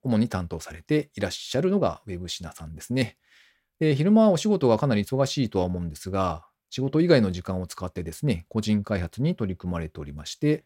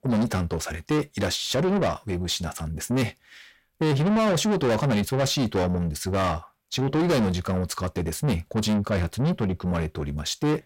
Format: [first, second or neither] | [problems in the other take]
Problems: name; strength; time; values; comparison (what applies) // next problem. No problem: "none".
first | distortion; heavy; 6 dB below the speech